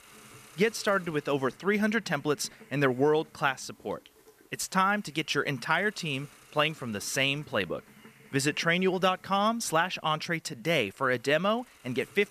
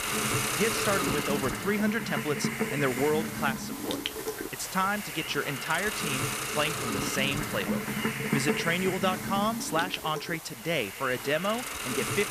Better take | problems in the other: first | hiss; loud; throughout; 1 dB below the speech; faint in the first

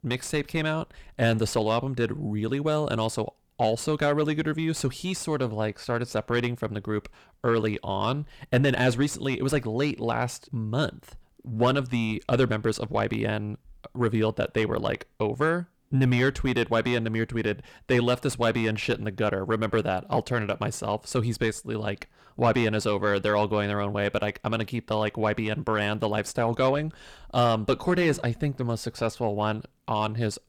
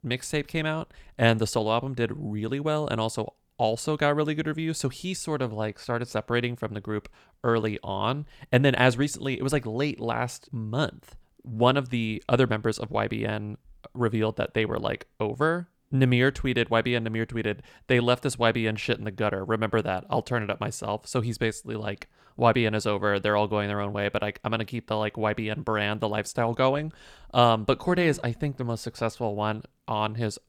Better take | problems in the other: second | distortion; slight; 10 dB below the speech

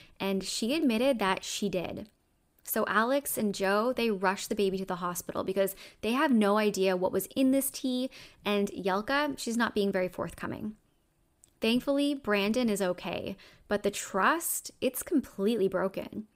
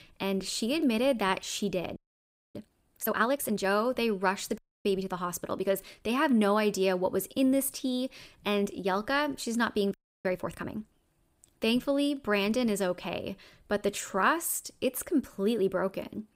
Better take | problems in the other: first | audio freezing; at 2 s for 0.5 s, at 4.5 s and at 10 s

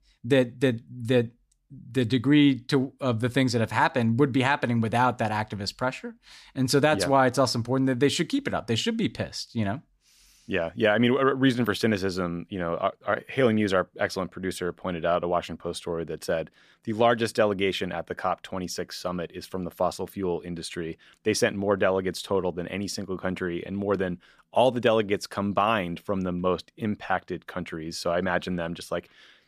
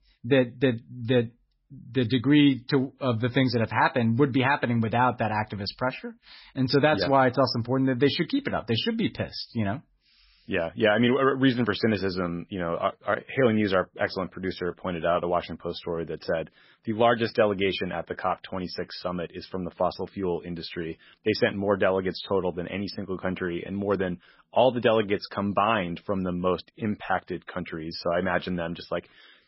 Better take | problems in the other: first | garbled, watery; badly; nothing above 5.5 kHz

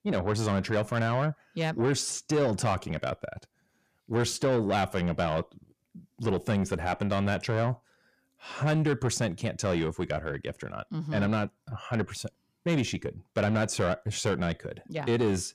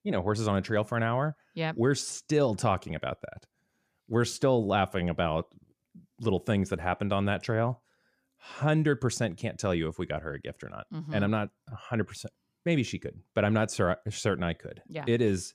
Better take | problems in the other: second | distortion; slight; 10 dB below the speech

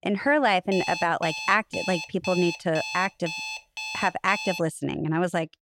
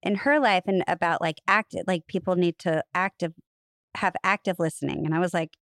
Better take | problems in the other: second | alarm; noticeable; from 0.5 to 4.5 s; peak 6 dB below the speech

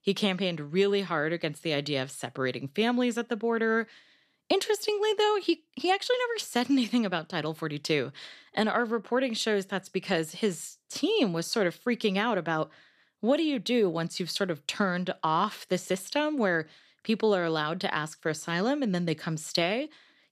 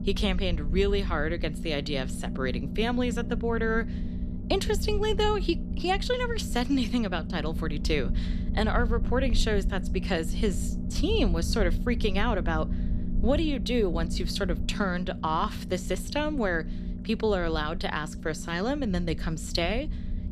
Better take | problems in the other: first | low rumble; noticeable; throughout; 15 dB below the speech

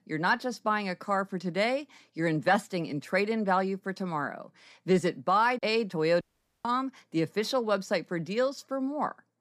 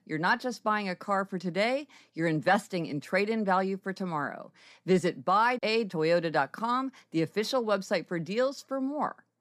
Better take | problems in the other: second | audio cutting out; at 6 s

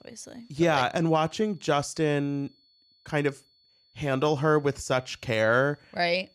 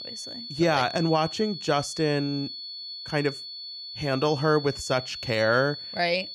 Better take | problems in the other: first | high-pitched whine; loud; throughout; 4.5 kHz, 9 dB below the speech; faint in the first

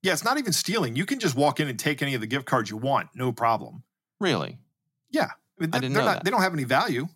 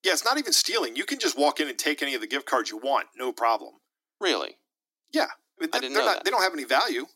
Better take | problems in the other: first | thin; somewhat; fading below 300 Hz

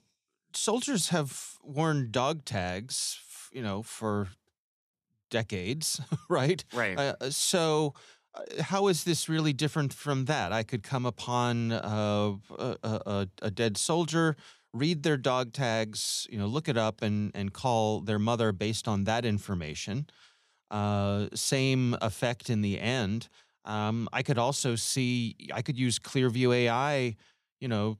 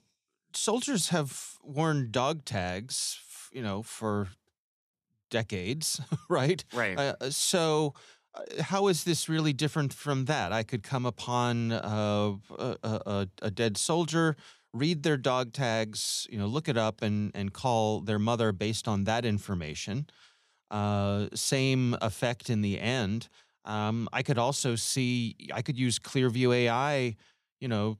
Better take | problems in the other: neither | none

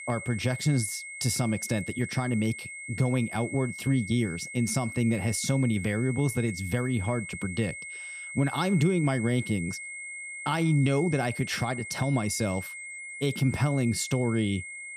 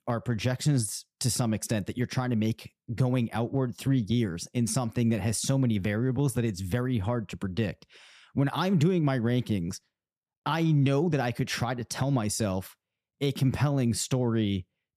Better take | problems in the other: second | high-pitched whine; loud; throughout; 2 kHz, 9 dB below the speech

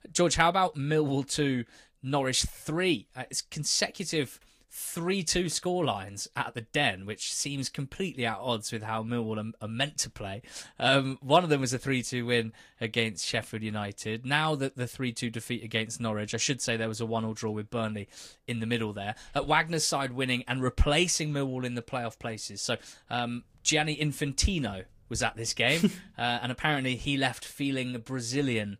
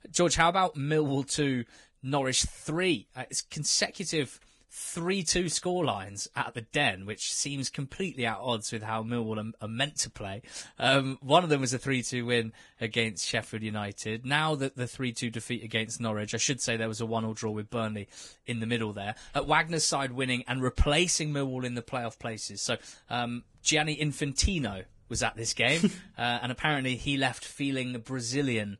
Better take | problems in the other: first | garbled, watery; badly; nothing above 10 kHz; slightly in the first

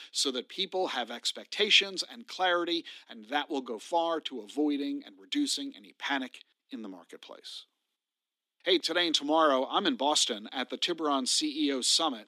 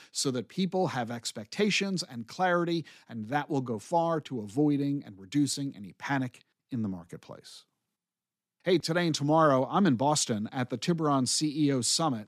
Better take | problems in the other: second | thin; very slightly; fading below 250 Hz

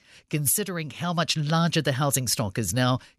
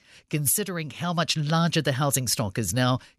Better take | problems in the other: neither | none

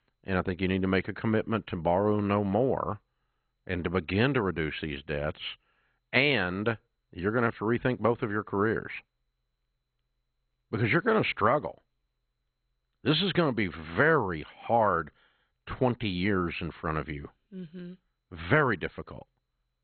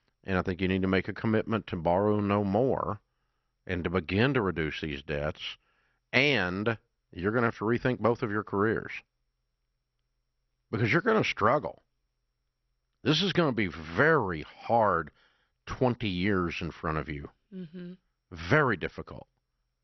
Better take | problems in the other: second | garbled, watery; badly; nothing above 4 kHz; slightly in the second

